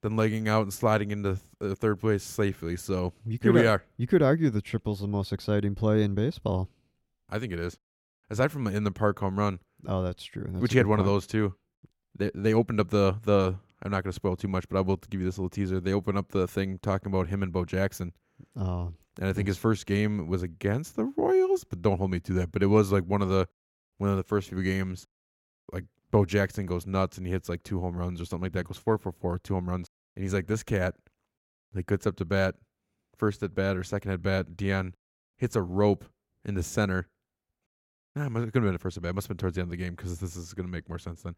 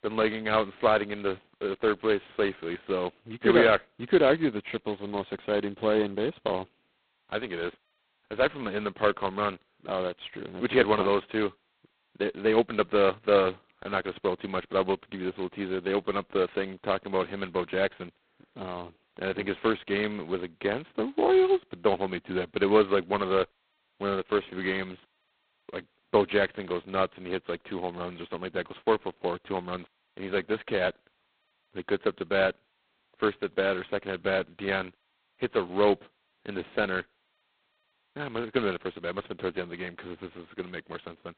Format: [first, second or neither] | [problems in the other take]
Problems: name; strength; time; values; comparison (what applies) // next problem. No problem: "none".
first | phone-call audio; poor line; nothing above 4 kHz